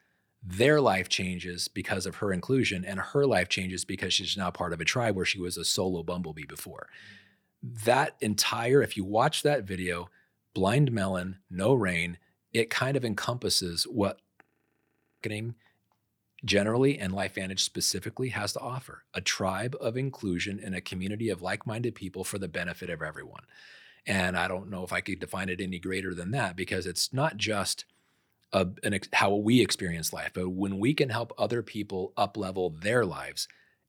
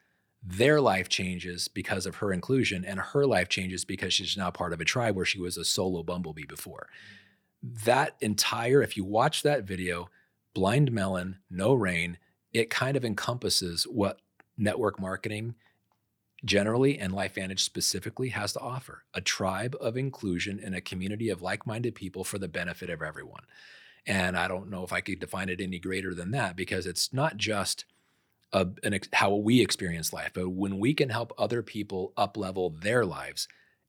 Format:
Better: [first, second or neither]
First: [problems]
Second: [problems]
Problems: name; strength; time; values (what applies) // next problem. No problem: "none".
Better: second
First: audio freezing; at 14 s for 1 s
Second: none